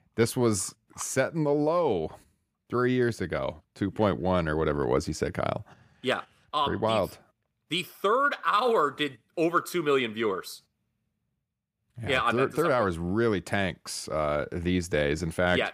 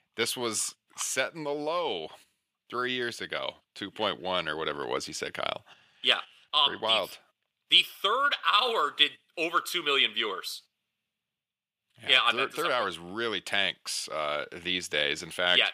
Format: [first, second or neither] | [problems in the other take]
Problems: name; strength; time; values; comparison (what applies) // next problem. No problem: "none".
first | thin; somewhat; fading below 1 kHz